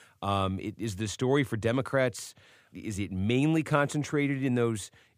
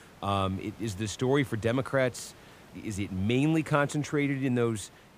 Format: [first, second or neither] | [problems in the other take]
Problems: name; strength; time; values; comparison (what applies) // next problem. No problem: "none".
first | hiss; faint; throughout; 25 dB below the speech